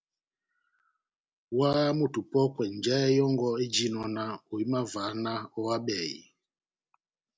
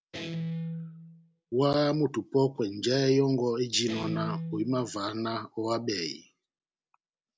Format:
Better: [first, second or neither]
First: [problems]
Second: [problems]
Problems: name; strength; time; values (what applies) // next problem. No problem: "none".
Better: first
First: none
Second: background sound (Guitar); 11 dB below the speech